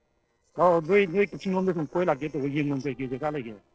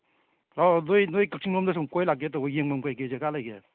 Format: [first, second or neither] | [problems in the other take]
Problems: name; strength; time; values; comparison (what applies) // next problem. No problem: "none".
second | noise reduction (neural separator model SepFormer DNS4)